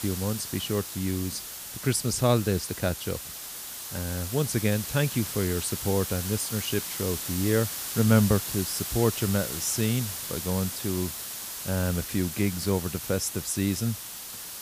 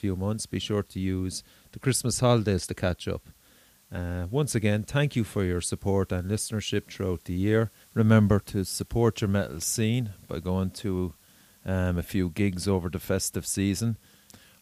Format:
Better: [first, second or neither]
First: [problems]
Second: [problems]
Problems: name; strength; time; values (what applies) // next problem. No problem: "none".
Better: second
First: hiss; loud; throughout; 5 dB below the speech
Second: hiss; faint; throughout; 30 dB below the speech